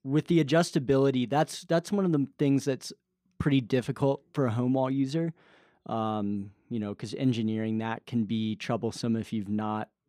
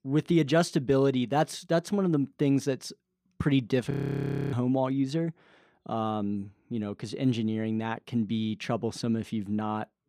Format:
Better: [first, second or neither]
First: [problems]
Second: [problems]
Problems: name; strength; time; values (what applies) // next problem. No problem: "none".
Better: first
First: none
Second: audio freezing; at 4 s for 0.5 s